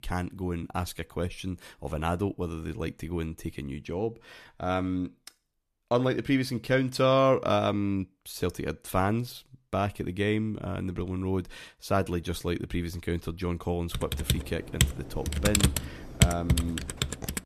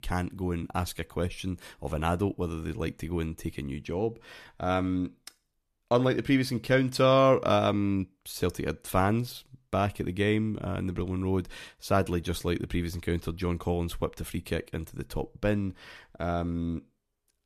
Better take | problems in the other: second | keyboard typing; loud; from 14 s on; peak 6 dB above the speech

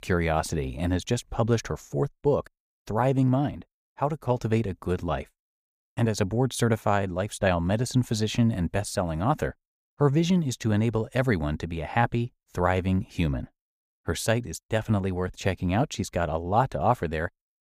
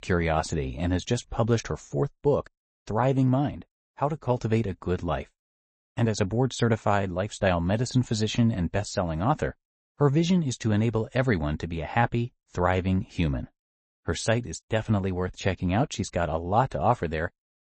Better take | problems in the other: first | garbled, watery; slightly; nothing above 8 kHz

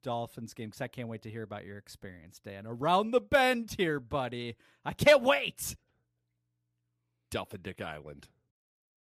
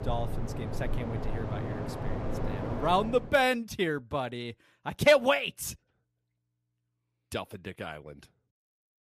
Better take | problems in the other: first | train or aircraft noise; loud; until 3 s; 7 dB below the speech

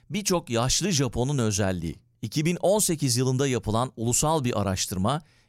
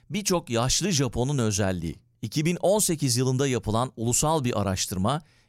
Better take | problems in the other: neither | none

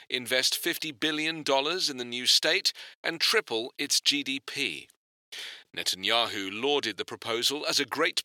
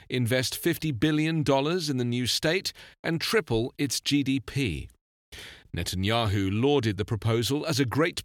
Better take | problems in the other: second | thin; somewhat; fading below 450 Hz

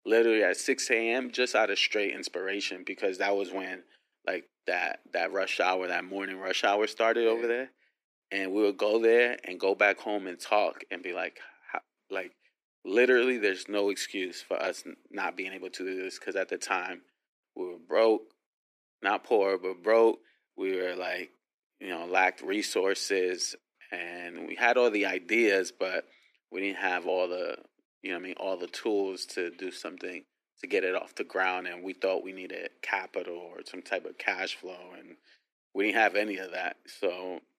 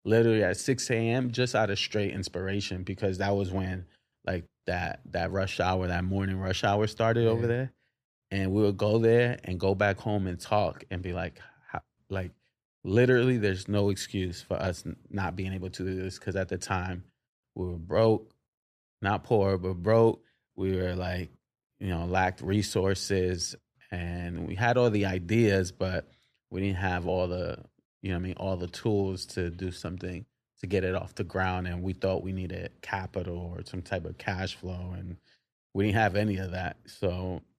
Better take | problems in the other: second | thin; somewhat; fading below 300 Hz

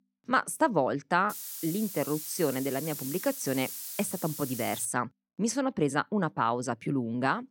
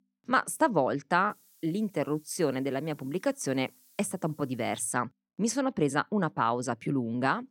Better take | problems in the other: second | hiss; loud; from 1.5 to 5 s; 7 dB below the speech; faint in the second

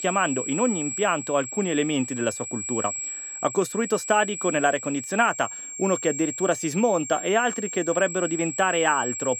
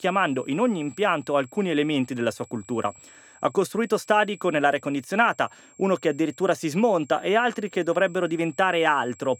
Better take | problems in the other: second | high-pitched whine; loud; throughout; 7.5 kHz, 6 dB below the speech; faint in the second

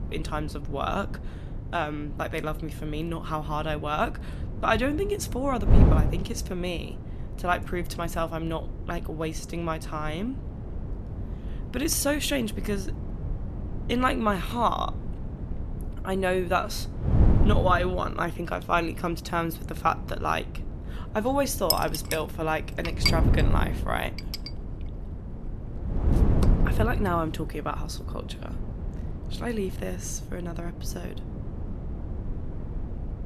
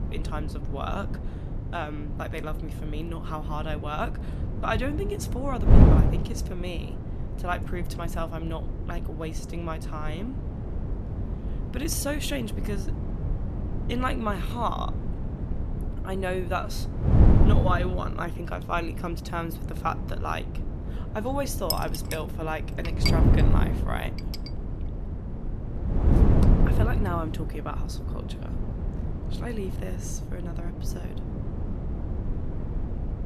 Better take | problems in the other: first | wind noise on the microphone; heavy; 6 dB below the speech; occasional gusts in the first

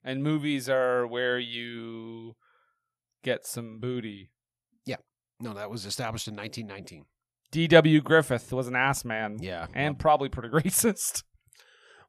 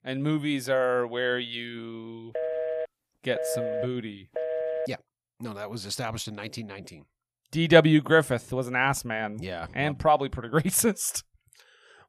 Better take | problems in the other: first | phone ringing; noticeable; from 2.5 to 5 s; peak 4 dB below the speech

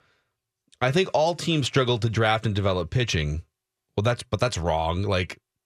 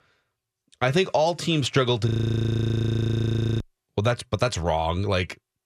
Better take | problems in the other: first | audio freezing; at 2 s for 1.5 s

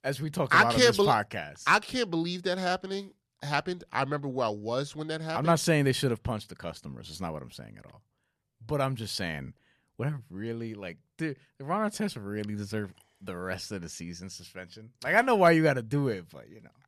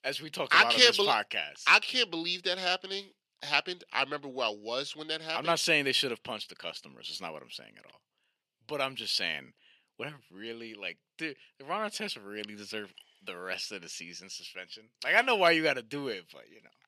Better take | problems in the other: first | thin; somewhat; fading below 300 Hz

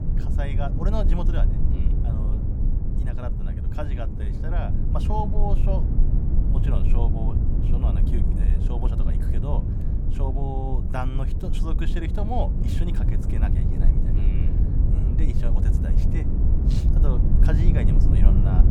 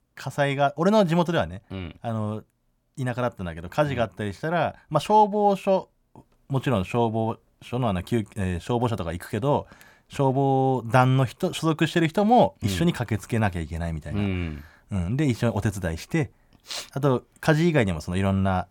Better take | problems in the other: second | low rumble; loud; throughout; 2 dB below the speech

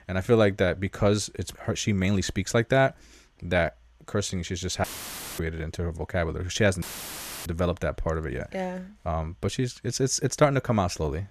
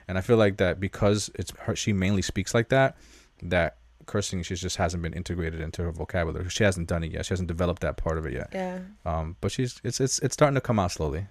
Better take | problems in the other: second | audio cutting out; filled with static; at 5 s for 0.5 s and at 7 s for 0.5 s

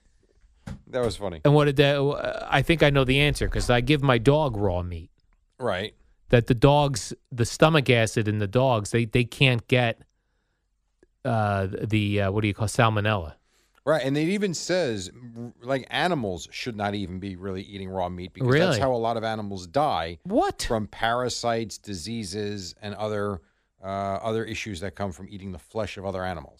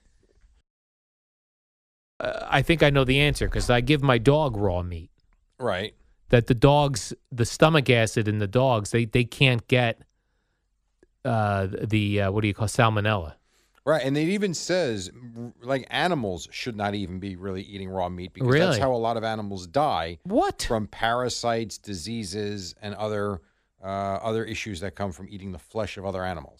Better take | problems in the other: first | audio cutting out; at 0.5 s for 1.5 s

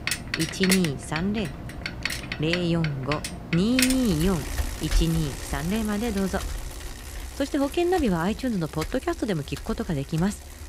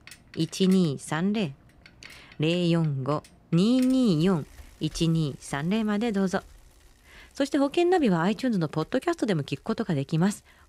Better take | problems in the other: second | traffic noise; loud; throughout; 5 dB below the speech; faint in the second

